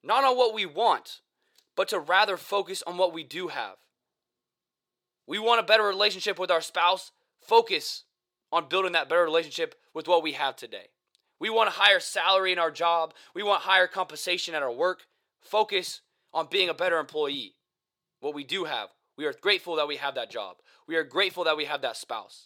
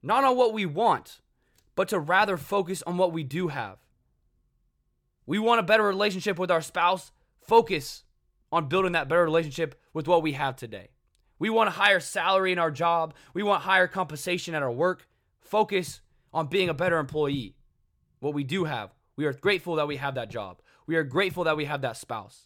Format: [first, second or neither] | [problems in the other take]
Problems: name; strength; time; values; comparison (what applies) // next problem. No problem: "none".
second | thin; somewhat; fading below 450 Hz